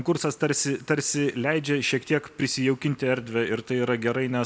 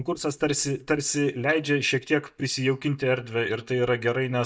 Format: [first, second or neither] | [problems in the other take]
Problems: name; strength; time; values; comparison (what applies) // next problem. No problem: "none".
first | noise reduction (neural mask model DeepFilterNet 3)